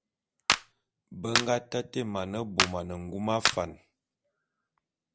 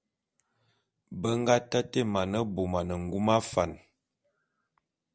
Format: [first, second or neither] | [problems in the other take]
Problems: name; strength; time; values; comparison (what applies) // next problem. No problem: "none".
second | background sound (Clapping); 2 dB above the speech